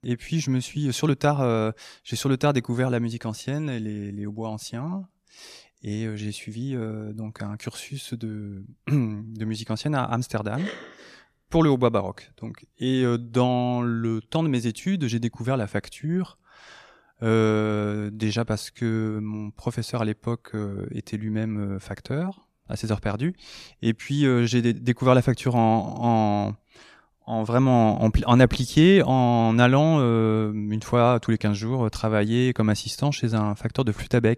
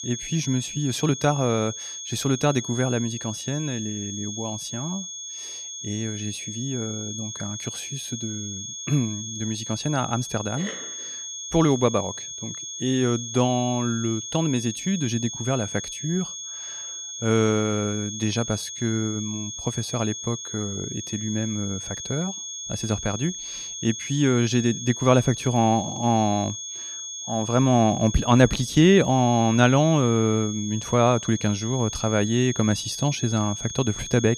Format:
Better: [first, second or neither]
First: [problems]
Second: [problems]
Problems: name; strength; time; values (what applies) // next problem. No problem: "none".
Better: first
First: none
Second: high-pitched whine; loud; throughout; 6.5 kHz, 8 dB below the speech